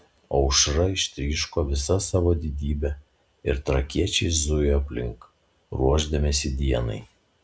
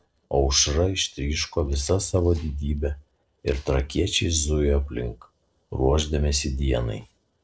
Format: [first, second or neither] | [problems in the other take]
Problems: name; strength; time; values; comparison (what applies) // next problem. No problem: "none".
first | noise reduction (neural separator model SepFormer DNS4)